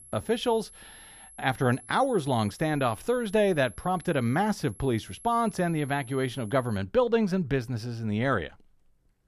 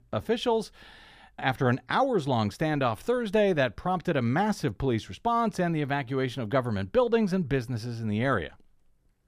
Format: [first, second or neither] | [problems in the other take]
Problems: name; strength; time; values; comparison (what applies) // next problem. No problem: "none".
second | high-pitched whine; noticeable; until 7 s; 11 kHz, 20 dB below the speech